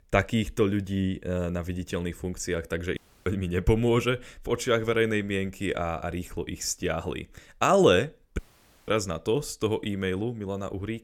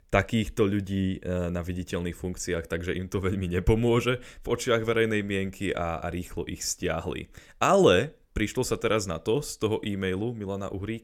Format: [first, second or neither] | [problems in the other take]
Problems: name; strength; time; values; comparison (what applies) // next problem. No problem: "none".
second | audio cutting out; at 3 s and at 8.5 s